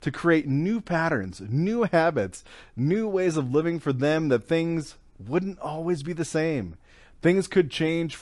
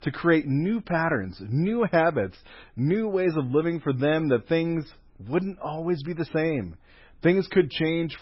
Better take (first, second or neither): first